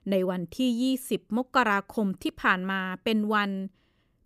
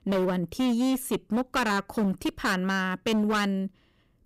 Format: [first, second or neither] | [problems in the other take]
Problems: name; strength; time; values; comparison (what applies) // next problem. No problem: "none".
first | distortion; heavy; 18% of the sound clipped